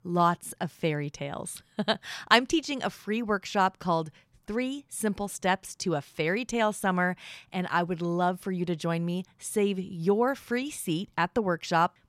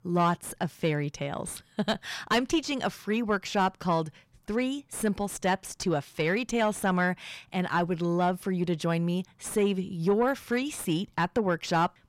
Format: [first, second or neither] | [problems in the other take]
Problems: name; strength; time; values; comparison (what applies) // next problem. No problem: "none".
first | distortion; slight; 10 dB below the speech